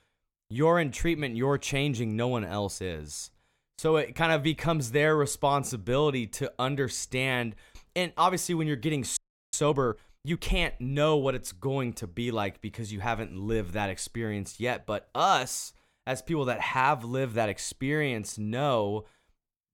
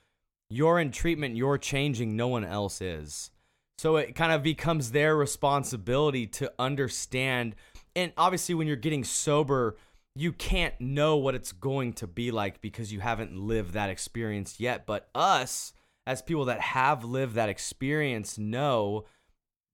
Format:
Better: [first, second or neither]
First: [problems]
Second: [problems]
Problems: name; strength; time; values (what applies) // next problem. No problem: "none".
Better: second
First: audio freezing; at 9 s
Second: none